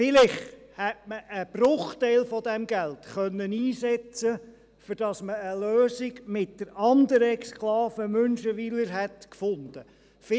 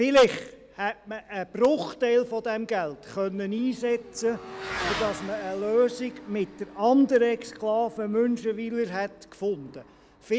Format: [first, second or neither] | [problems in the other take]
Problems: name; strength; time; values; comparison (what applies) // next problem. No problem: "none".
first | background sound (Motorcycle / Accelerating, revving, vroom); 16 dB below the speech